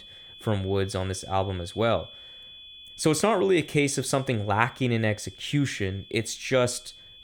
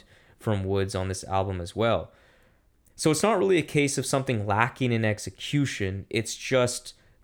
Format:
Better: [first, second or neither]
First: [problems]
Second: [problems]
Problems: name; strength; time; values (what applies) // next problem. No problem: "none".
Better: second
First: high-pitched whine; noticeable; throughout; 3.5 kHz, 20 dB below the speech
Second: none